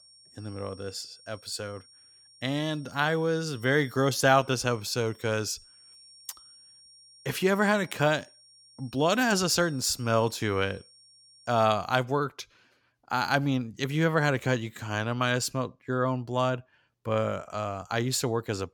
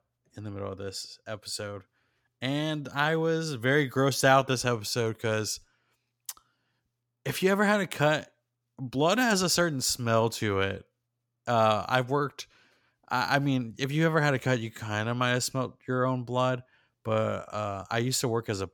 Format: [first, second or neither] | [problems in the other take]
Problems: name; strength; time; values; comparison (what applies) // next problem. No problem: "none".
second | high-pitched whine; faint; until 12 s; 5.5 kHz, 25 dB below the speech